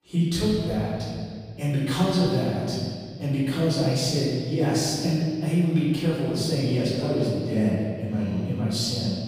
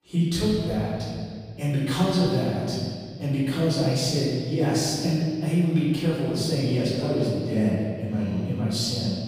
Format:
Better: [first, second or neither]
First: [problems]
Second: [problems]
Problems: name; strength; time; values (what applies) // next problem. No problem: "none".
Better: neither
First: off-mic speech; far // room echo; strong; dies away in 2.1 s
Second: off-mic speech; far // room echo; strong; dies away in 2.1 s